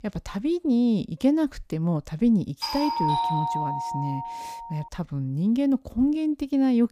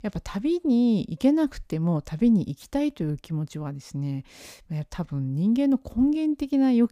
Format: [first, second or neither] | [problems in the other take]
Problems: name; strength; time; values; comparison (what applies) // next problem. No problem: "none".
second | doorbell; loud; from 2.5 to 5 s; peak 1 dB above the speech